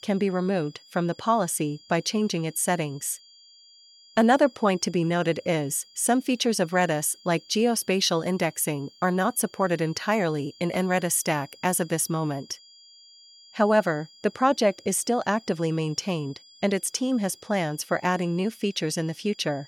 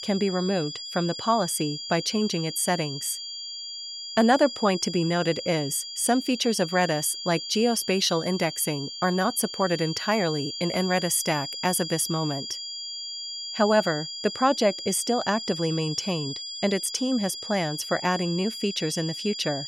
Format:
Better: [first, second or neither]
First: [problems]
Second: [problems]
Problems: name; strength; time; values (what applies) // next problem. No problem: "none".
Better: first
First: high-pitched whine; faint; throughout; 5 kHz, 25 dB below the speech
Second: high-pitched whine; loud; throughout; 5 kHz, 7 dB below the speech